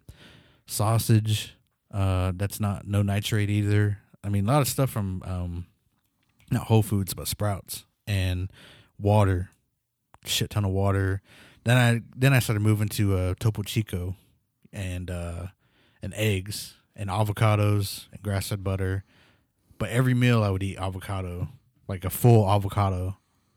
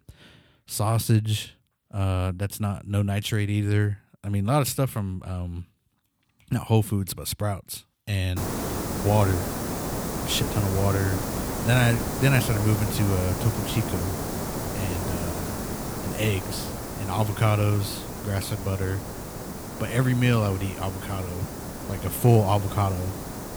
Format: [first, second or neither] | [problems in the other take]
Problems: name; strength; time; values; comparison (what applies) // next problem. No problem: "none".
first | hiss; loud; from 8.5 s on; 5 dB below the speech